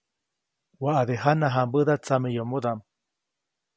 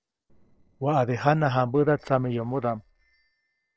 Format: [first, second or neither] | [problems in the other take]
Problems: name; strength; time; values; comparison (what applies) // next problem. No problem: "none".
first | noise reduction (neural separator model SepFormer DNS4)